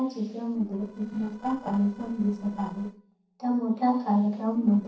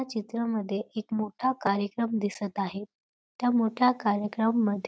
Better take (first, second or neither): second